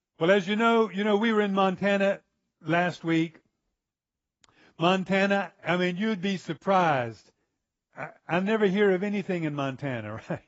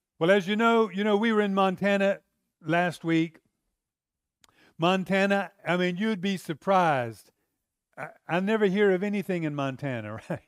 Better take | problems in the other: second | garbled, watery; badly; nothing above 7.5 kHz

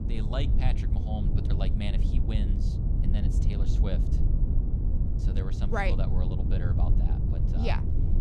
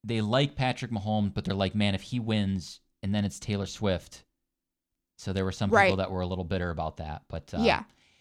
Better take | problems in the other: second | low rumble; loud; throughout; 4 dB below the speech

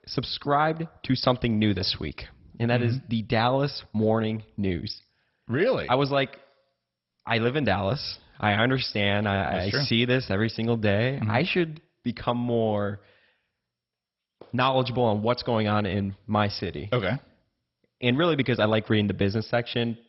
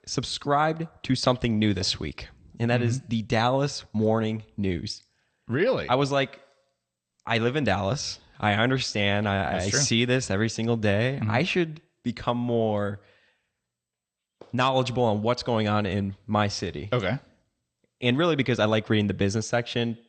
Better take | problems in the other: second | garbled, watery; badly; nothing above 5.5 kHz; slightly in the second

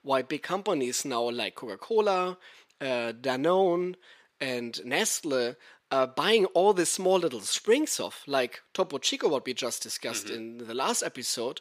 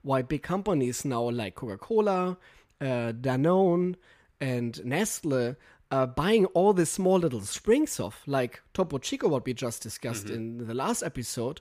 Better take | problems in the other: second | thin; somewhat; fading below 350 Hz

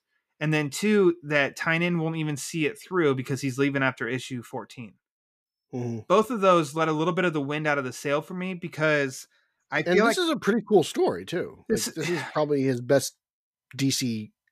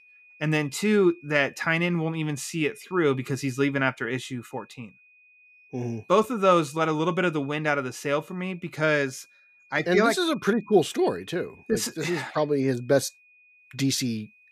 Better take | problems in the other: first | high-pitched whine; faint; throughout; 2.5 kHz, 30 dB below the speech

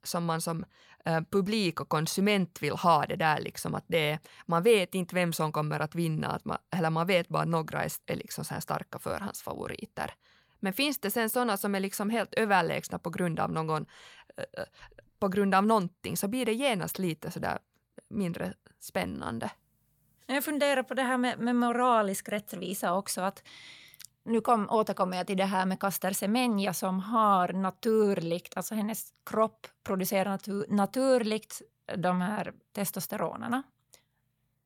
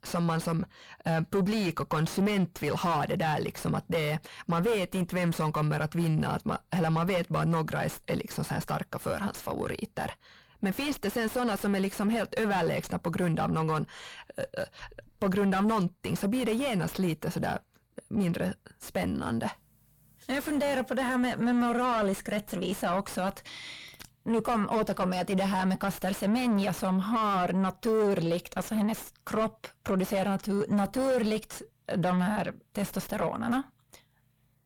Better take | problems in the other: first | distortion; heavy; 5 dB below the speech

